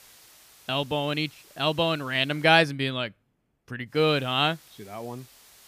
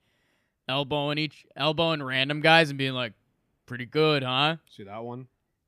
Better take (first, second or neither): second